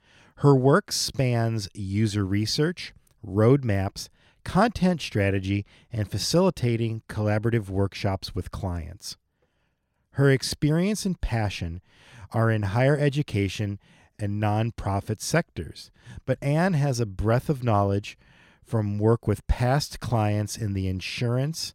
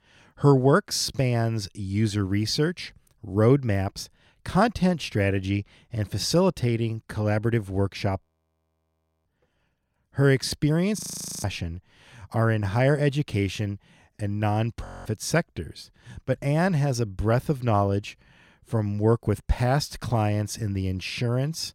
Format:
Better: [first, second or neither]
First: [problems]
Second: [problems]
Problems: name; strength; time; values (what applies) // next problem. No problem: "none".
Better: first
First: none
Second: audio freezing; at 8 s for 1 s, at 11 s and at 15 s